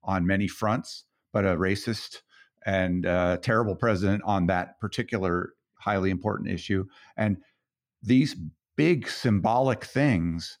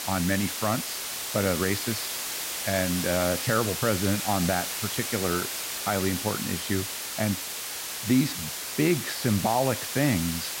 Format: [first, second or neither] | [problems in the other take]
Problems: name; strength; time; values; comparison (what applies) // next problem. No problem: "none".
first | hiss; loud; throughout; 2 dB below the speech